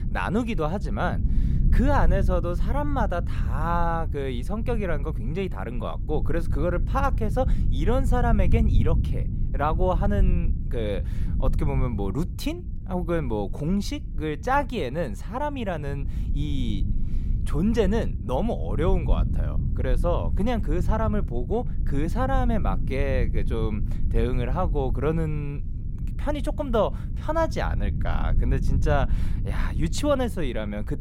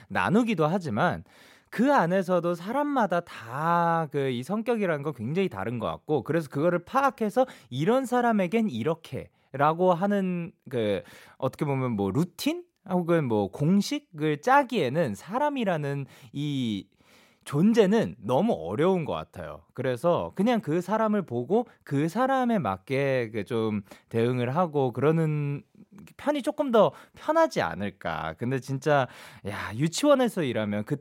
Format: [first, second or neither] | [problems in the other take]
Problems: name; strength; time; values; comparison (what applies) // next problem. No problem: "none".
second | low rumble; noticeable; throughout; 15 dB below the speech